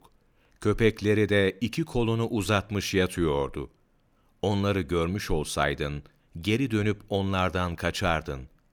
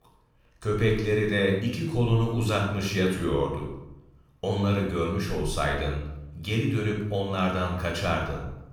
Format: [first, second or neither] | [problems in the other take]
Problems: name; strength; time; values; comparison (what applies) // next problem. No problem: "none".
first | off-mic speech; somewhat distant // room echo; noticeable; dies away in 0.7 s